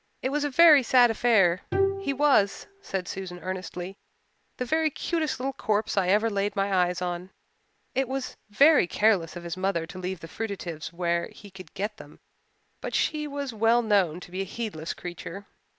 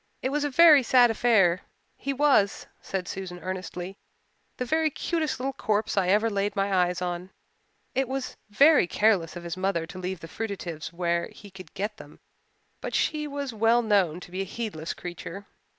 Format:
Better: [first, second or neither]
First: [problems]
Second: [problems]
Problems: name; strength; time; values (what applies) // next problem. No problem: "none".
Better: second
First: background sound (Bowed string instrument); 6 dB below the speech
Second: none